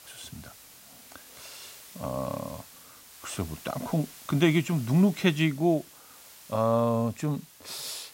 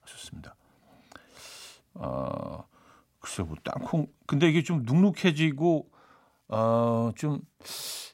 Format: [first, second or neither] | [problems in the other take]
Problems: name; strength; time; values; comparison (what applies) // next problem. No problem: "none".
second | hiss; noticeable; throughout; 20 dB below the speech